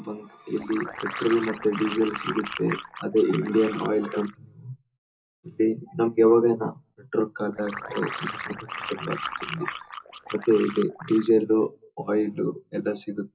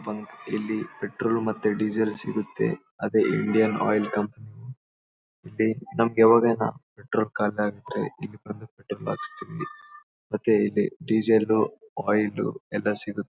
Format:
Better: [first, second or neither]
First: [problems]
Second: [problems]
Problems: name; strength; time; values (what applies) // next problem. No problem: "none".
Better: second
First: background sound (Liquid); 10 dB below the speech // room echo; dies away in 0.2 s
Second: none